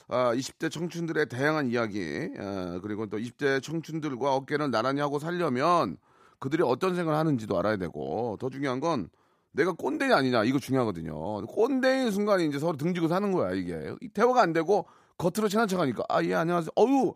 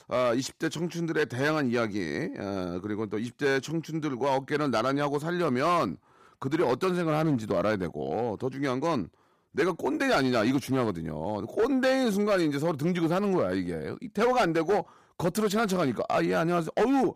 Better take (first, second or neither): first